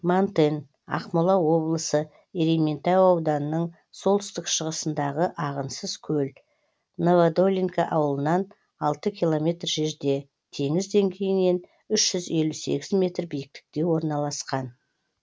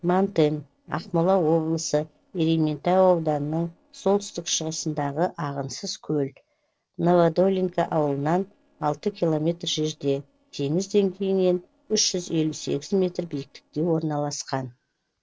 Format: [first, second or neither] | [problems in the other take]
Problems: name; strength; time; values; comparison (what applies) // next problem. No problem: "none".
first | noise reduction (neural separator model SepFormer DNS4)